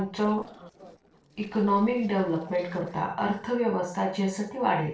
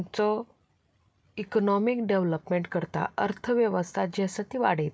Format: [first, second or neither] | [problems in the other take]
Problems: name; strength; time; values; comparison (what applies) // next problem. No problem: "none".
second | noise reduction (neural separator model SepFormer DNS4)